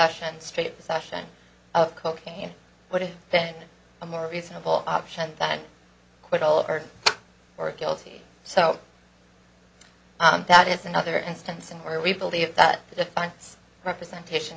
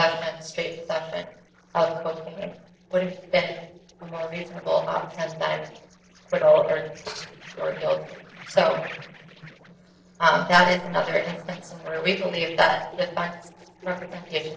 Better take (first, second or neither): first